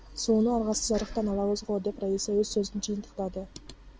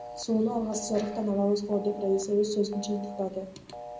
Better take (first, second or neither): first